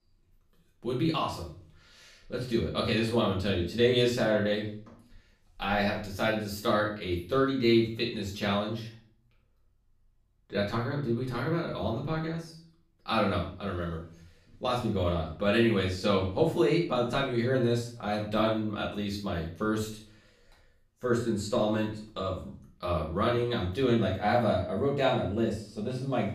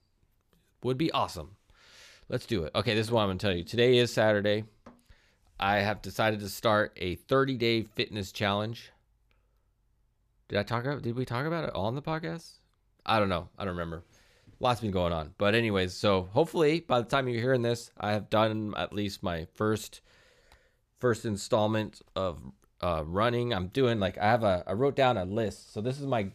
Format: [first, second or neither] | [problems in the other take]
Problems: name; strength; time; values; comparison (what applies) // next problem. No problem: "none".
second | off-mic speech; far // room echo; noticeable; dies away in 0.4 s